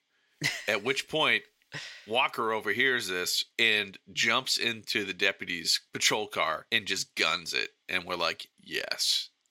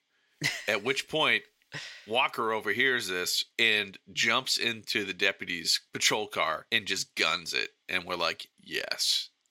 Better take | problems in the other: neither | thin; somewhat; fading below 1 kHz; the same in both

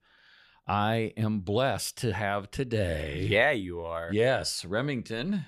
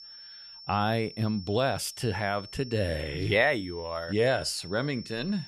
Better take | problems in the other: first | high-pitched whine; noticeable; throughout; 5.5 kHz, 15 dB below the speech

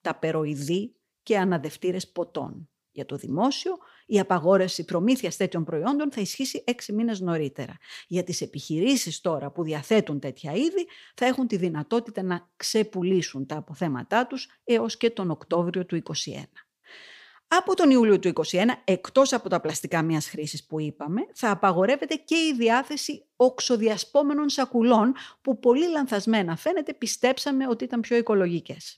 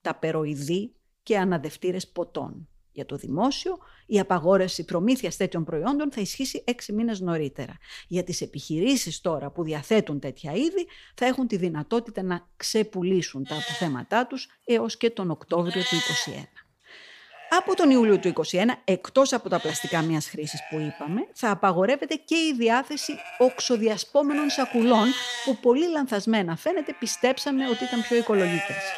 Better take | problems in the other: first | animal sounds; loud; throughout; 8 dB below the speech

